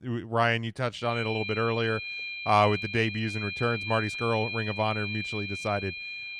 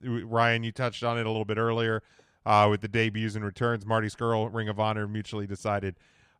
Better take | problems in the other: second | high-pitched whine; loud; from 1 s on; 2.5 kHz, 5 dB below the speech

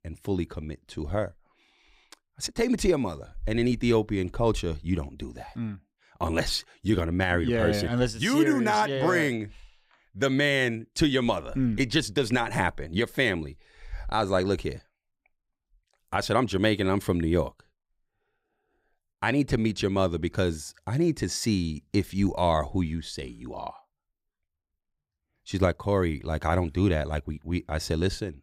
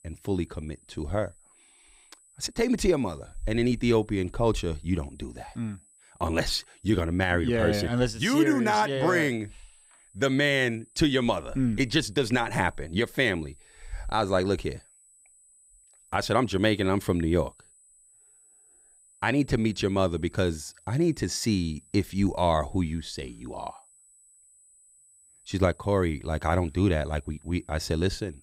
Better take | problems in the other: first | high-pitched whine; faint; throughout; 8 kHz, 30 dB below the speech

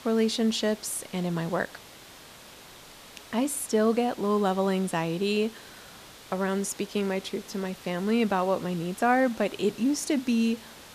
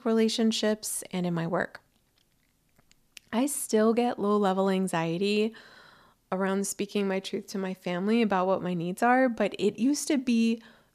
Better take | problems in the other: second | hiss; noticeable; throughout; 20 dB below the speech

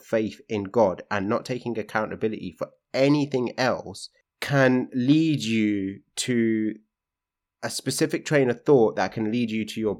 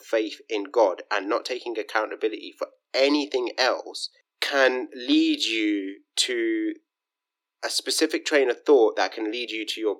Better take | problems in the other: first | thin; somewhat; fading below 300 Hz

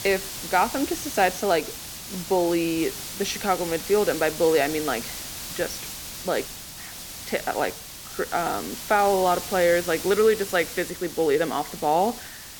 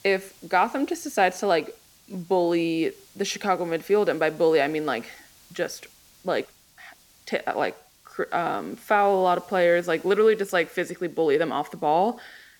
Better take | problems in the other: second | hiss; loud; throughout; 9 dB below the speech; faint in the second

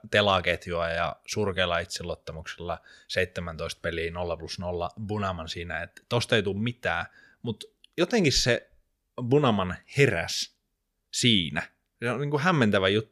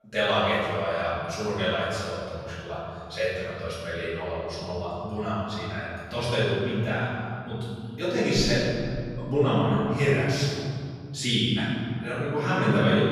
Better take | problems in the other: first | off-mic speech; far // room echo; strong; dies away in 2.6 s

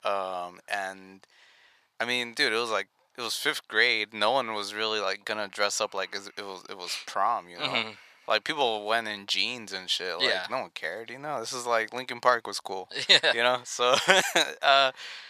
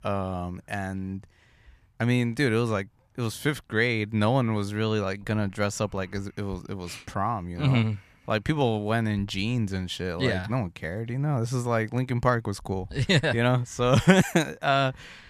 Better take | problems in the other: second | thin; very; fading below 650 Hz

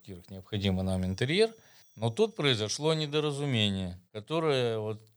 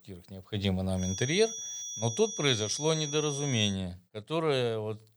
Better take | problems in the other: first | high-pitched whine; loud; from 1 to 3.5 s; 6 kHz, 6 dB below the speech; faint in the first

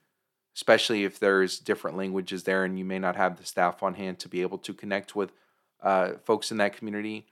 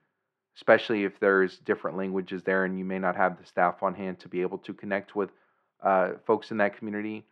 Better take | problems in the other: first | muffled; very; fading above 2 kHz

